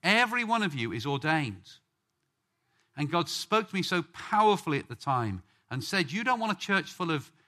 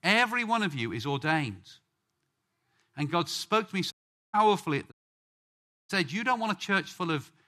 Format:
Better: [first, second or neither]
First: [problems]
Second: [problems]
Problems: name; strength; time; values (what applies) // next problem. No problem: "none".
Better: first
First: none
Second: audio cutting out; at 4 s and at 5 s for 1 s